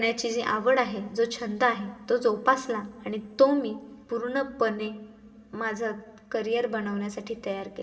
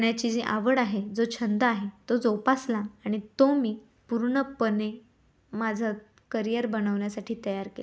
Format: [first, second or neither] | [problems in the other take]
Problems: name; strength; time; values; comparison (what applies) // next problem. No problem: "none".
second | room echo; dies away in 2.2 s